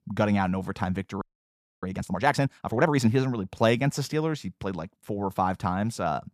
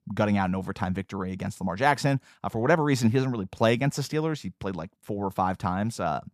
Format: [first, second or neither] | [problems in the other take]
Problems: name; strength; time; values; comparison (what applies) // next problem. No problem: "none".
second | audio freezing; at 1 s for 0.5 s